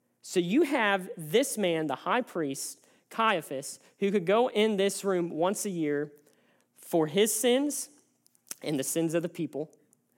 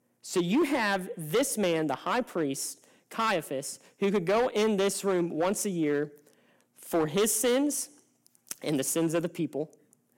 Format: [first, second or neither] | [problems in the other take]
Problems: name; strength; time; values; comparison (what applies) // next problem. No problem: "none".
first | distortion; slight; 6% of the sound clipped